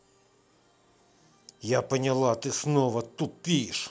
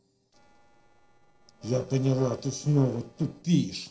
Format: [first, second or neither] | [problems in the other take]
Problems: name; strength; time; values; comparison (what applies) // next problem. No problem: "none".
first | noise reduction (neural separator model SepFormer DNS4)